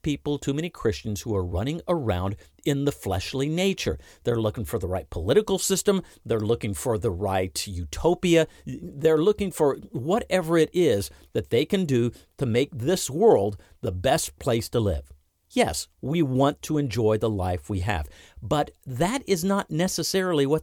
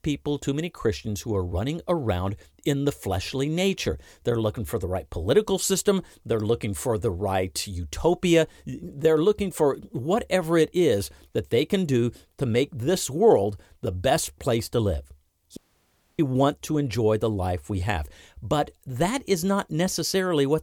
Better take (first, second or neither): first